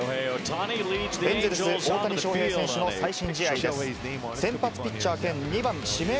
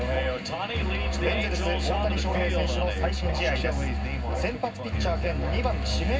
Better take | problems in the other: first | background sound (Musical instrument); 1 dB above the speech // room echo; dies away in 0.4 s

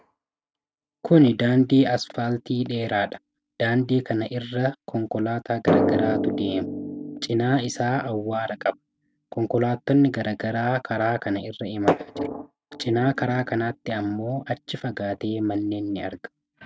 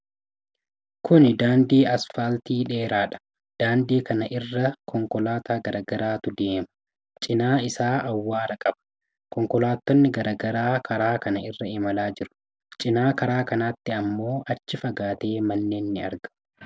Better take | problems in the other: second | noise reduction (neural mask model RNNoise)

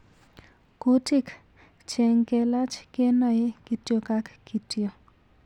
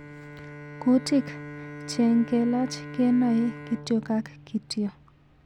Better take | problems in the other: first | background sound (Bowed string instrument); 14 dB below the speech

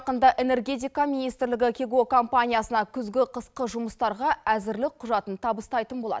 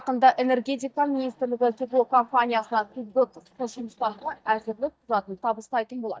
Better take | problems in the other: first | noise reduction (neural mask model DeepFilterNet 3)

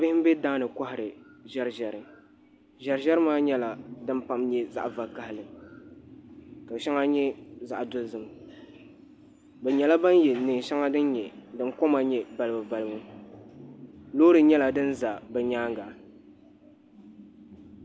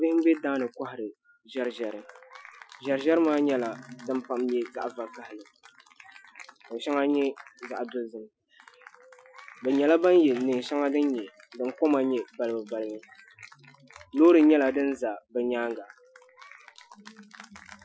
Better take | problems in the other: first | noise reduction (classical method Wiener filter)

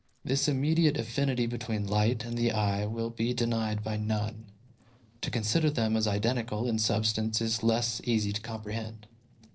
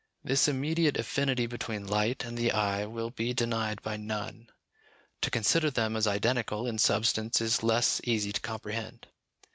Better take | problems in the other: second | noise reduction (neural separator model SepFormer DNS4)

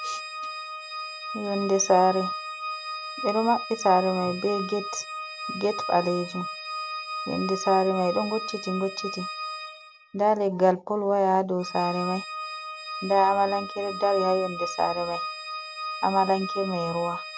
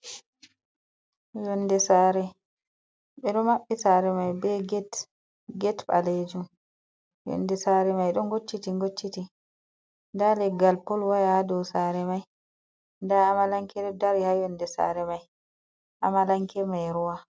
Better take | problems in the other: second | background sound (Organ); 8 dB below the speech

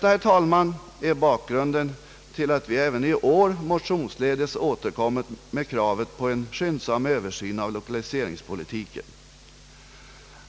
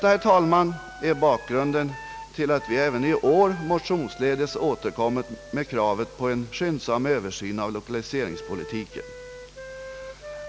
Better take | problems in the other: first | background sound (Wind instrument, woodwind instrument); 17 dB below the speech

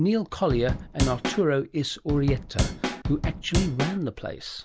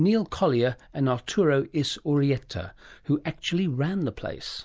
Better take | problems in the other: second | background sound (Drum / Drum kit); 1 dB below the speech

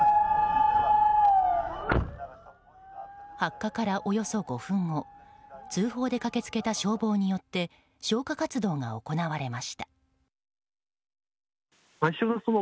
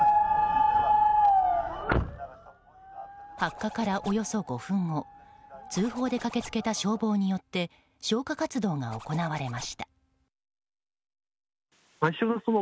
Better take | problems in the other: first | background sound (Zipper (clothing)); 18 dB below the speech

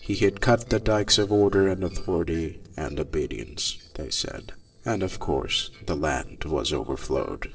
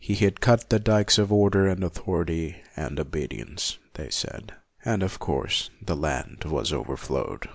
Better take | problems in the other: second | noise reduction (neural separator model SepFormer DNS4)

